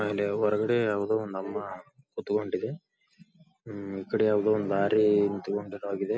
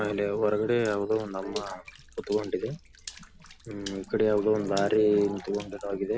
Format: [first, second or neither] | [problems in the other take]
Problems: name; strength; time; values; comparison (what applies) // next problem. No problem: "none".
first | background sound (Water / Splash, splatter); 19 dB below the speech